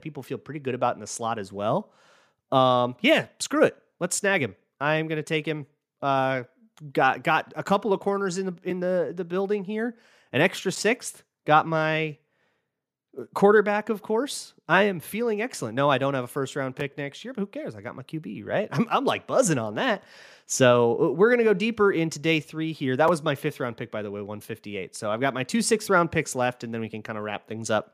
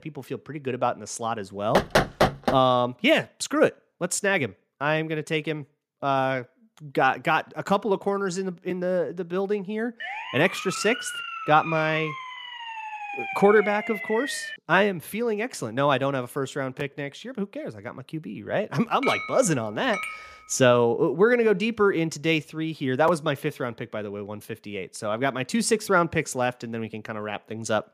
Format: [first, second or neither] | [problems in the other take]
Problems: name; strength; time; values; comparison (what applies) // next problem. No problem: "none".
first | door banging; loud; at 2 s; peak 4 dB above the speech // siren; noticeable; from 10 to 15 s; peak 6 dB below the speech // clattering dishes; noticeable; from 19 to 20 s; peak 4 dB below the speech